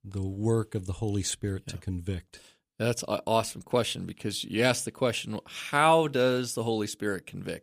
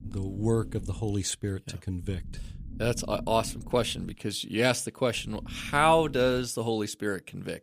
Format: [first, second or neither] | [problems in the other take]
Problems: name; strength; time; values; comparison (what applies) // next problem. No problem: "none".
first | low rumble; faint; until 1 s, from 2 to 4 s and from 5 to 6.5 s; 25 dB below the speech